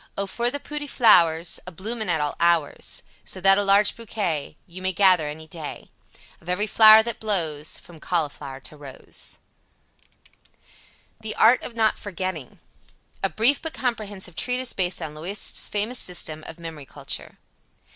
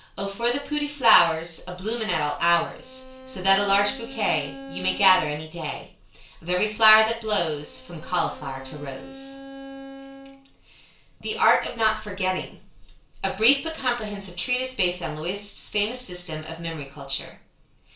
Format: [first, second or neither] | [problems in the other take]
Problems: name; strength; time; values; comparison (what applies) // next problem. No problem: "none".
first | background sound (Bowed string instrument); 15 dB below the speech // room echo; dies away in 0.3 s